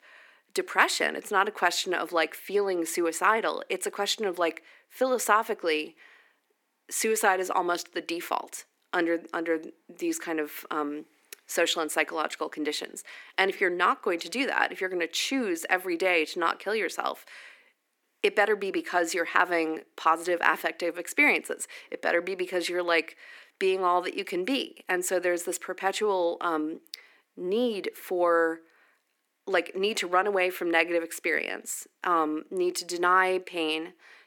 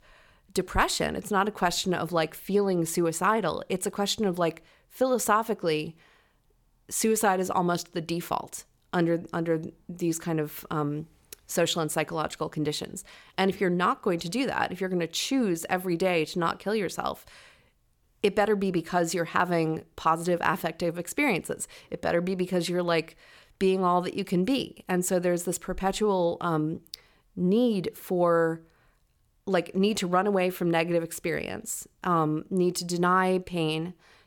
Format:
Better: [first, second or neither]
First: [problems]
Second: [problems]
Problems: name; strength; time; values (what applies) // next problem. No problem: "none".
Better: second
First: thin; somewhat; fading below 250 Hz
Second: none